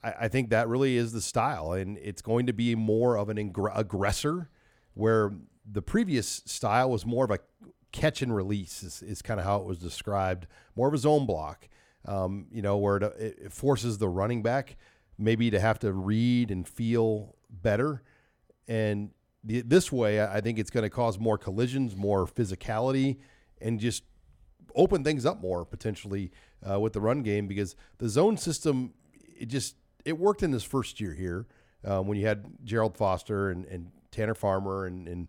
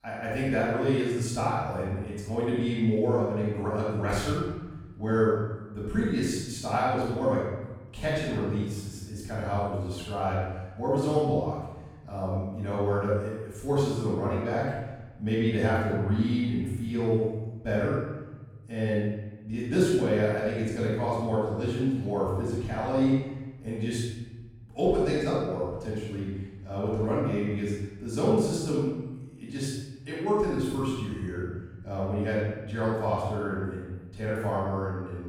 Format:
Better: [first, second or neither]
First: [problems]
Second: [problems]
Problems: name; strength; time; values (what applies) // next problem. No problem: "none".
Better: first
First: none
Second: off-mic speech; far // room echo; strong; dies away in 1.1 s